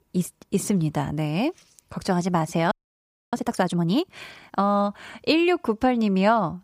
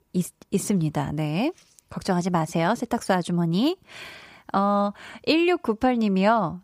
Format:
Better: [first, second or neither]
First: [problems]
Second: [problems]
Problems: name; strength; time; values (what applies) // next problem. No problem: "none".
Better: second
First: audio freezing; at 2.5 s for 0.5 s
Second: none